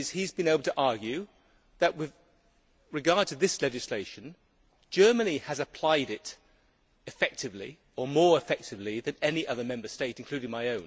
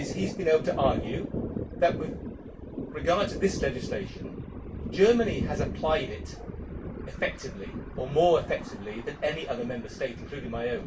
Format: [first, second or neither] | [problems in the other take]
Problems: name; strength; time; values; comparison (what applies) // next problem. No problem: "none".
first | background sound (Thunder); 6 dB below the speech // room echo; dies away in 0.2 s